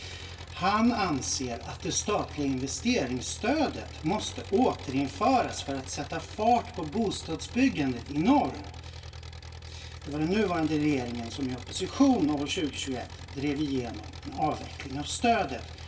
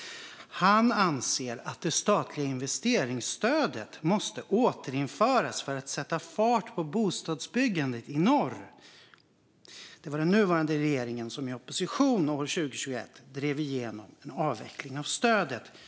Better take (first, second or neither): second